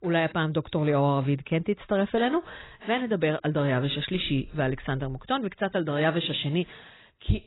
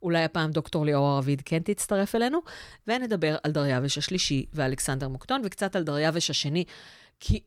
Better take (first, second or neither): second